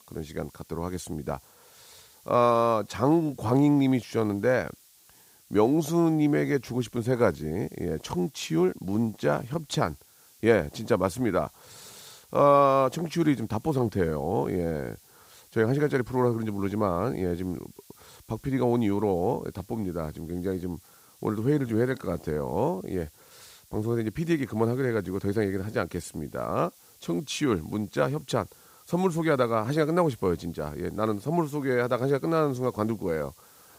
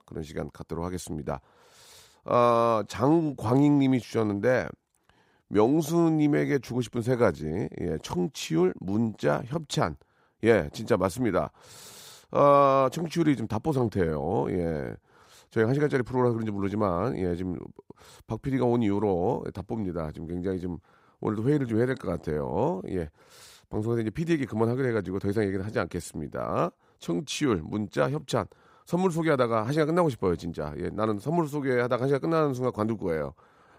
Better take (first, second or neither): second